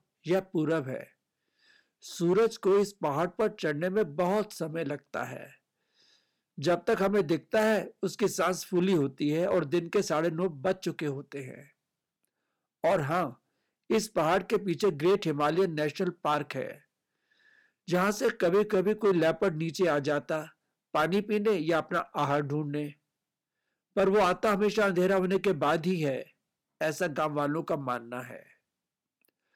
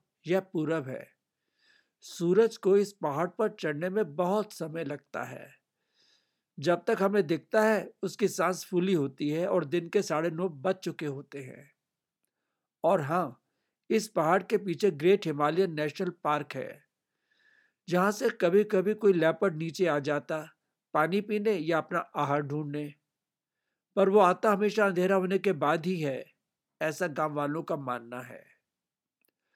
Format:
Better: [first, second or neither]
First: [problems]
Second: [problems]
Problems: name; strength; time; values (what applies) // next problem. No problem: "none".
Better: second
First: distortion; slight; 5% of the sound clipped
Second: none